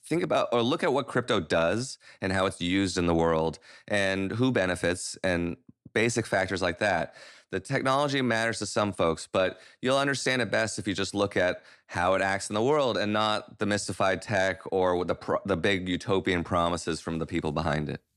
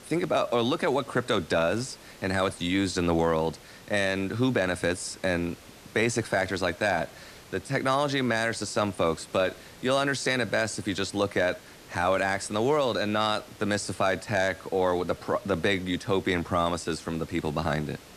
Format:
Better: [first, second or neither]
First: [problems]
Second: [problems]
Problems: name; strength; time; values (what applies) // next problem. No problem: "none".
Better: first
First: none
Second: hiss; faint; throughout; 20 dB below the speech